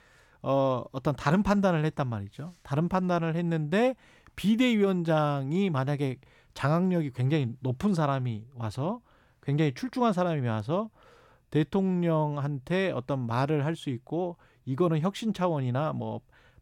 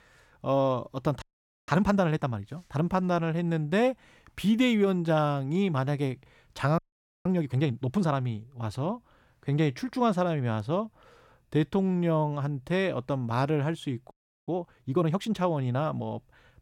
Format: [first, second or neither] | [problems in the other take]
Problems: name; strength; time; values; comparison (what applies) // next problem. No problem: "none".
first | audio freezing; at 1 s, at 7 s and at 14 s